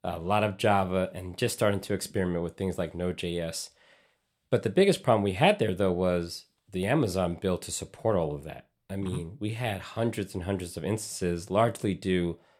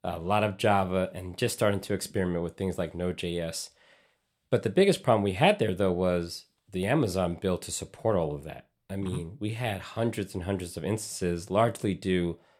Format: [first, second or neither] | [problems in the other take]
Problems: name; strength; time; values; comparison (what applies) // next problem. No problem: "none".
neither | none